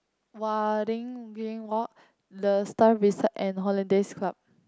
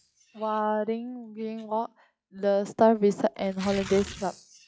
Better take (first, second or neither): first